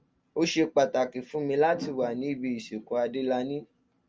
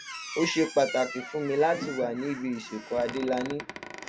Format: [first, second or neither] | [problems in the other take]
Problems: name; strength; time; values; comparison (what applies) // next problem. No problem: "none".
first | background sound (Squeak); 11 dB below the speech